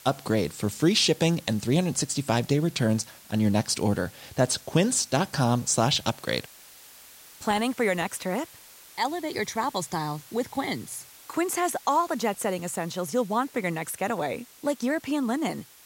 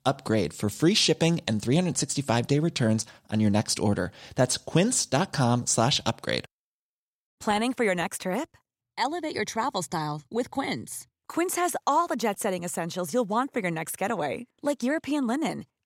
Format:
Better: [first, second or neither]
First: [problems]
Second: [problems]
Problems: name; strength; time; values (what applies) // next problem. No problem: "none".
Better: second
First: hiss; faint; throughout; 20 dB below the speech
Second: none